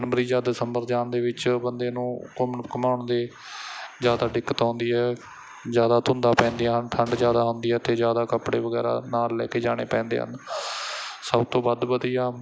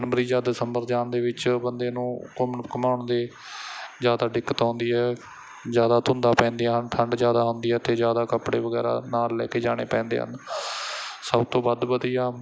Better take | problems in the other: second | background sound (Explosion); 12 dB below the speech

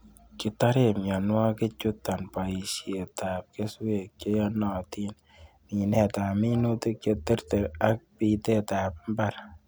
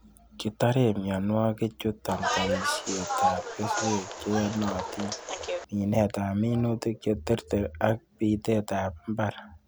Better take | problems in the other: first | background sound (Bus); 2 dB below the speech

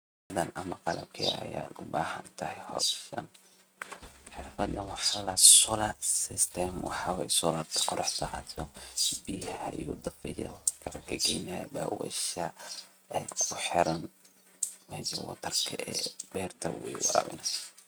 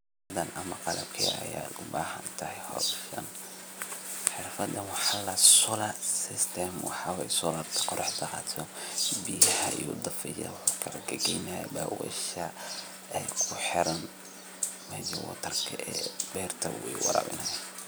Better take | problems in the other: second | noise reduction (neural mask model RNNoise)

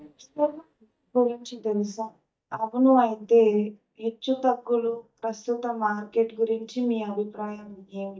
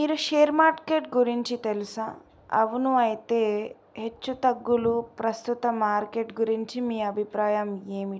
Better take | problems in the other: second | noise reduction (neural mask model DeepFilterNet 3)

